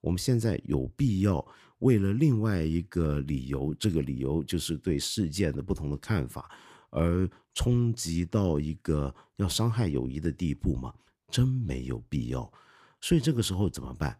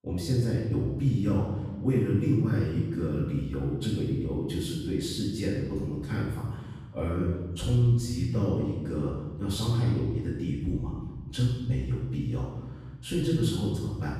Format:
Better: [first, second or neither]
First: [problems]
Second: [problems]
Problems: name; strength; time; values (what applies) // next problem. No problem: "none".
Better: first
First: none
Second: room echo; strong; dies away in 1.3 s // off-mic speech; far